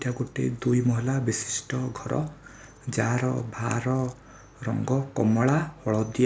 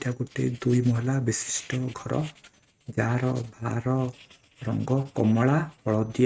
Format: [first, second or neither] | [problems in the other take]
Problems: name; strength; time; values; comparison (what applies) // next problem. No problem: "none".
first | noise reduction (neural mask model RNNoise)